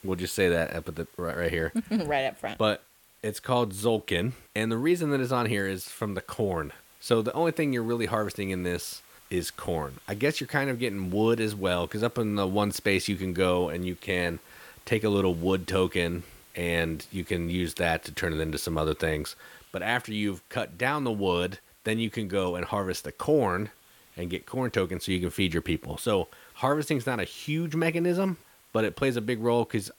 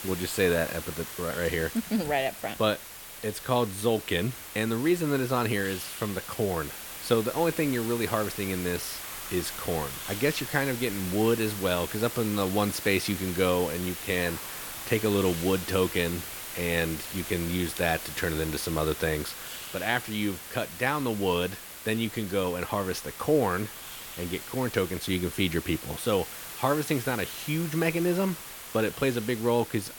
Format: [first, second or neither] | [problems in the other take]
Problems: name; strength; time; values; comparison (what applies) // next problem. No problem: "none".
first | hiss; loud; throughout; 9 dB below the speech; faint in the first